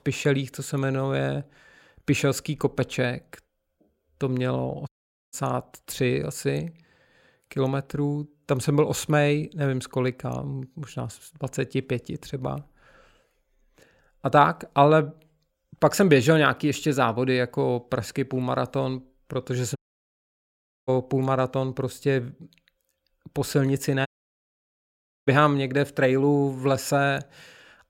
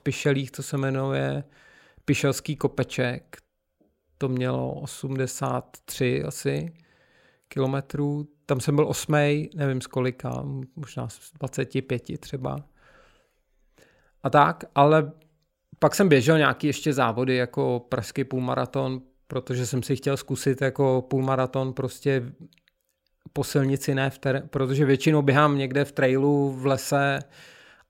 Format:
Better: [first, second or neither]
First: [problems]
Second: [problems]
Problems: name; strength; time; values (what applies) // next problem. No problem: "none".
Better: second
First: audio cutting out; at 5 s, at 20 s for 1 s and at 24 s for 1 s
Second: none